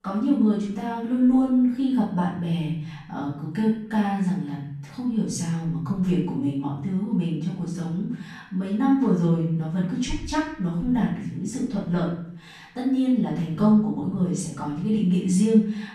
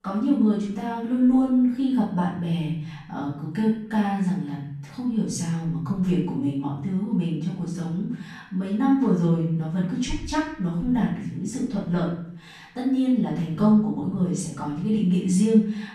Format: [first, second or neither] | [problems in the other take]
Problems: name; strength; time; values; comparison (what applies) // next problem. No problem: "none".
neither | off-mic speech; far; the same in both // room echo; noticeable; dies away in 0.6 s; the same in both